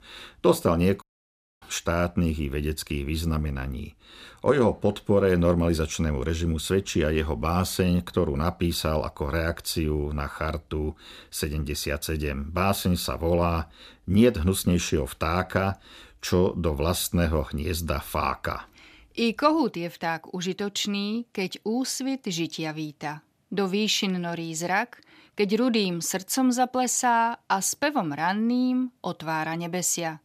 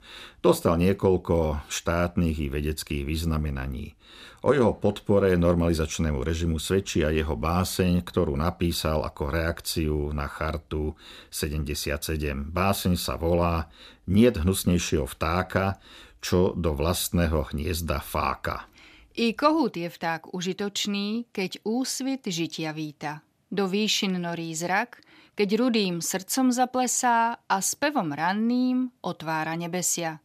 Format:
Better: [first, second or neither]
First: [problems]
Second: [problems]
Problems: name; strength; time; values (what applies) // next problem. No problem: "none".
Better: second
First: audio cutting out; at 1 s for 0.5 s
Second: none